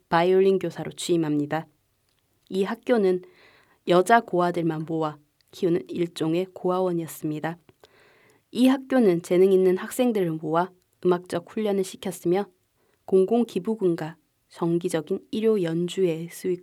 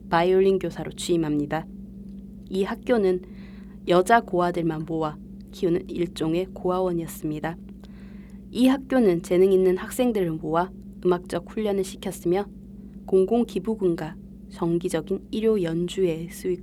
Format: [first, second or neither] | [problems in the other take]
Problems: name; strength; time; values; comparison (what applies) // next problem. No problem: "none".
first | low rumble; faint; throughout; 25 dB below the speech